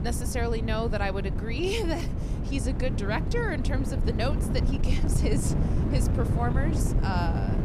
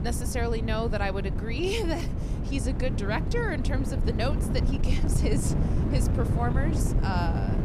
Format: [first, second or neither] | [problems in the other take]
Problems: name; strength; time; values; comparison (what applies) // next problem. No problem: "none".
neither | wind noise on the microphone; heavy; 5 dB below the speech; the same in both